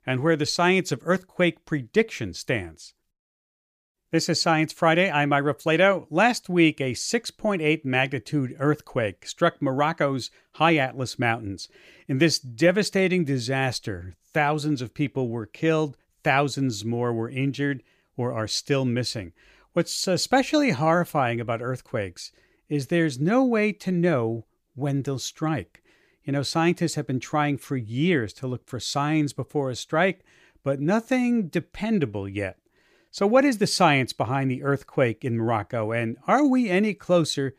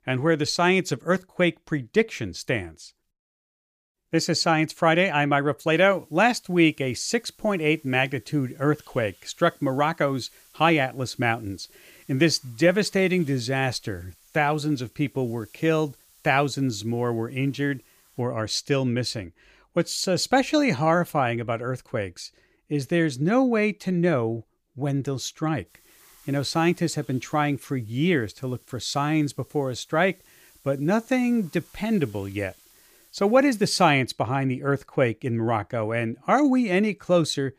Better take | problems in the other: first | hiss; faint; from 6 to 18 s and from 26 to 34 s; 30 dB below the speech

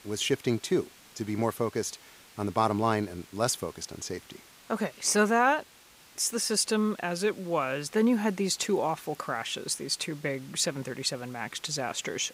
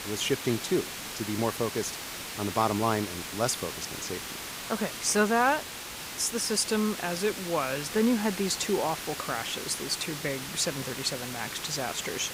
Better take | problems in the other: first | hiss; loud; throughout; 6 dB below the speech; faint in the first

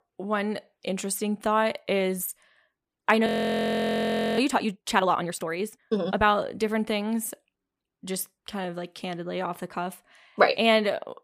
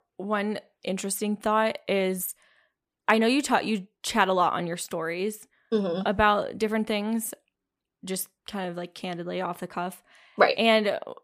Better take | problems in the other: second | audio freezing; at 3.5 s for 1 s

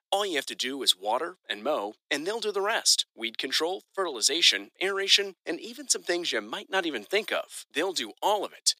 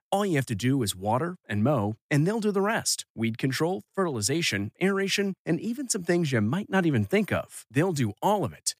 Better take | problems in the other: second | thin; very; fading below 350 Hz

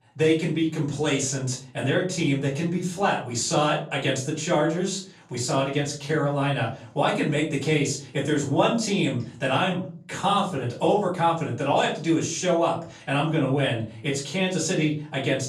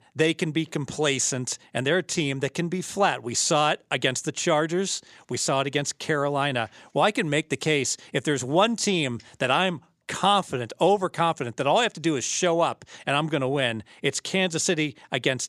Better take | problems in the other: second | off-mic speech; far // room echo; slight; dies away in 0.5 s

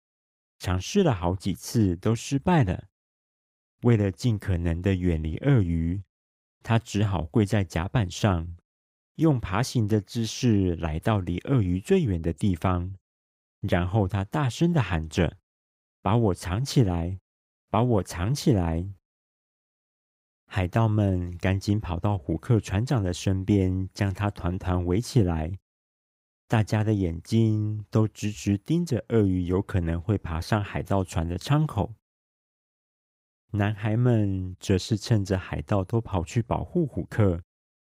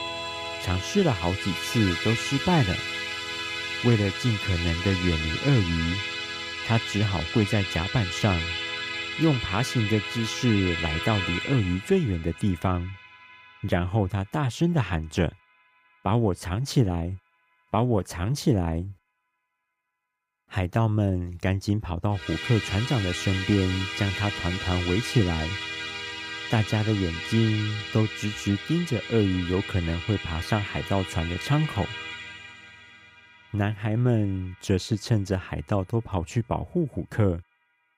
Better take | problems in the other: first | background music; loud; throughout; 4 dB below the speech

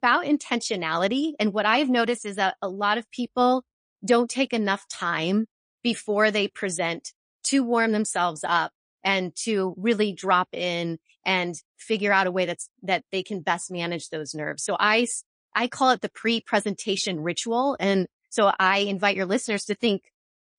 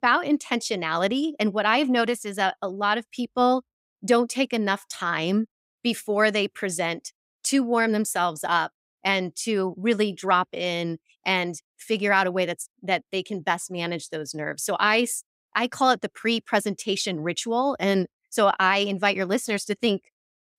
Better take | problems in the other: second | garbled, watery; slightly; nothing above 9.5 kHz

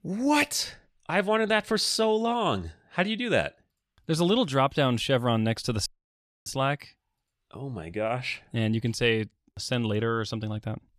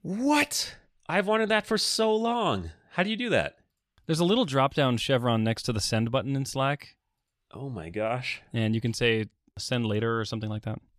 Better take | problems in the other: second | audio cutting out; at 6 s for 0.5 s

